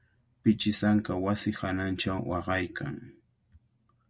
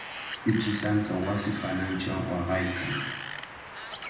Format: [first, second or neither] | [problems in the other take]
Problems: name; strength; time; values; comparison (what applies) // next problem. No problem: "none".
first | background sound (Wind); 8 dB below the speech // room echo; dies away in 0.8 s